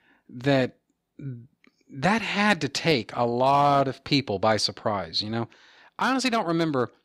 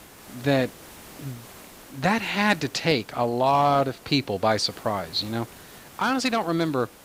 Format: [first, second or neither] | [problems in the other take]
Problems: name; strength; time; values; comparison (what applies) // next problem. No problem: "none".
first | hiss; faint; throughout; 20 dB below the speech